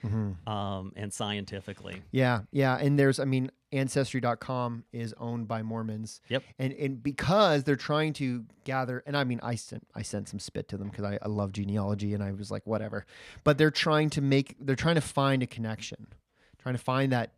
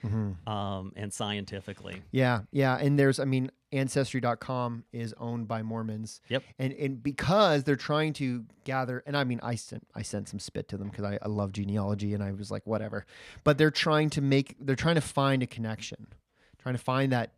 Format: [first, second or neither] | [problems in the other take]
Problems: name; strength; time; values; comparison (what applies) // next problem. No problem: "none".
neither | none